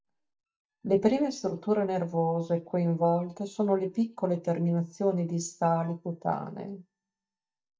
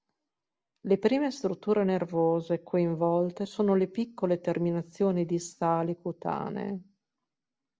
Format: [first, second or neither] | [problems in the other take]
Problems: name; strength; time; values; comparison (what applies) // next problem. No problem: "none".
second | noise reduction (neural mask model DeepFilterNet 3)